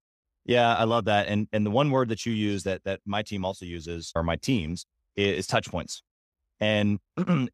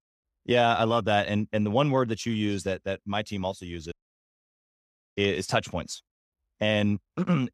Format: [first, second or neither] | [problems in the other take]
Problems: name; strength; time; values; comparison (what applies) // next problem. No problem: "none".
first | audio cutting out; at 4 s for 1 s